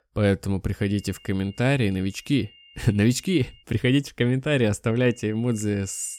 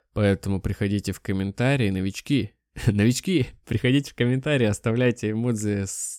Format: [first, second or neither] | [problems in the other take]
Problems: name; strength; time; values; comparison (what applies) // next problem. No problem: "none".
second | high-pitched whine; faint; from 1 to 3.5 s and from 5 s on; 3 kHz, 25 dB below the speech